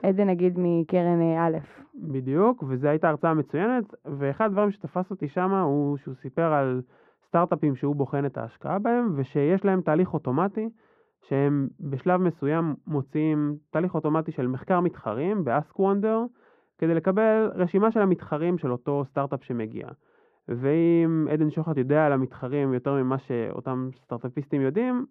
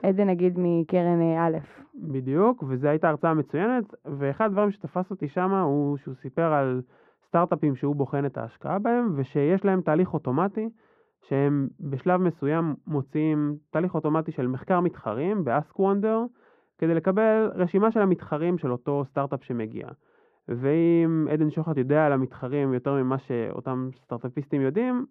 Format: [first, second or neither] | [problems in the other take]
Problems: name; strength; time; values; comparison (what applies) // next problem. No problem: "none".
neither | muffled; very; fading above 3 kHz; the same in both